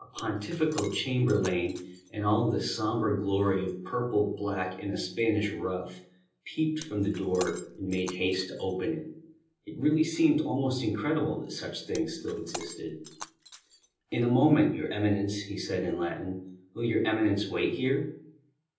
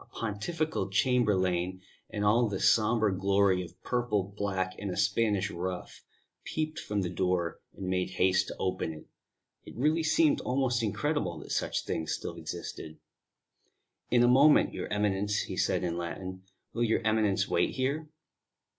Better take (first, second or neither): second